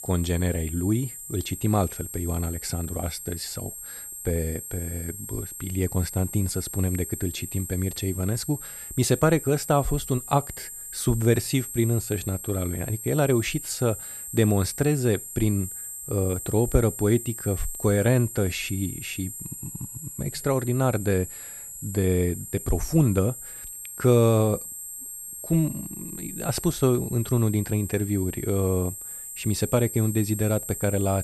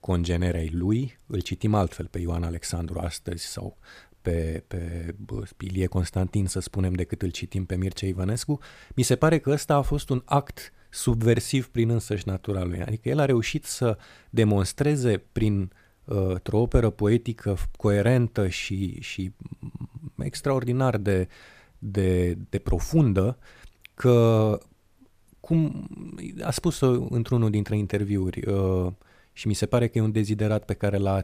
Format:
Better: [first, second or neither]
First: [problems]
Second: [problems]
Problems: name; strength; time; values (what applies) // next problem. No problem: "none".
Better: second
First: high-pitched whine; loud; throughout; 8 kHz, 9 dB below the speech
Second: none